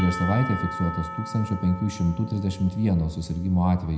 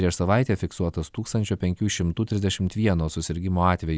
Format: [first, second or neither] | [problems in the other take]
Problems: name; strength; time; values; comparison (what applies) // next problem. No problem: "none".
second | background sound (Church bell / Percussion); 12 dB below the speech // room echo; dies away in 0.8 s